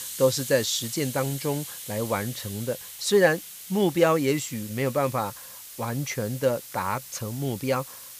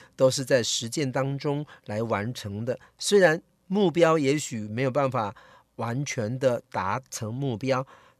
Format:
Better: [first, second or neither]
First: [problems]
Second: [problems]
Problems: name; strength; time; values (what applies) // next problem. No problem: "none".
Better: second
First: hiss; noticeable; throughout; 10 dB below the speech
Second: none